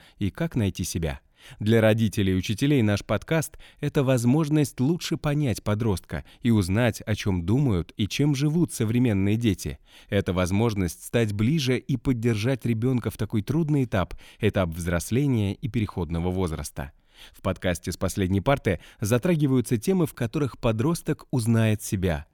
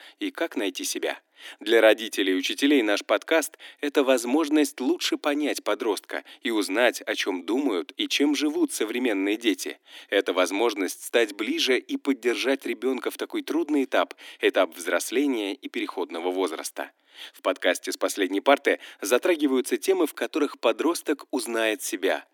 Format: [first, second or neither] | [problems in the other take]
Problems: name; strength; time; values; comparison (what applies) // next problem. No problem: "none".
first | thin; somewhat; fading below 250 Hz